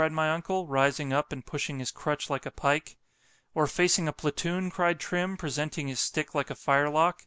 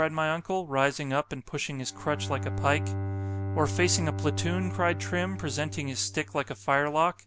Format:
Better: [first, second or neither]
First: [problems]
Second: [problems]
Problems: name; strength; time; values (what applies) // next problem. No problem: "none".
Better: first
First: none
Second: background sound (Bowed string instrument); 6 dB below the speech